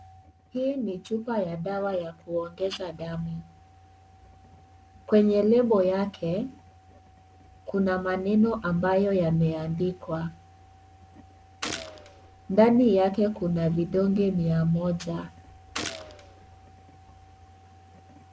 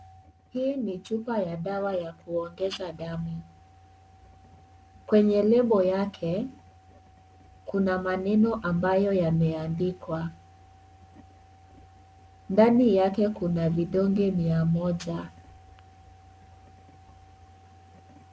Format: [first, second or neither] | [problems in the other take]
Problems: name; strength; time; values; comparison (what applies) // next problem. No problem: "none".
second | background sound (Gunshot, gunfire); 12 dB below the speech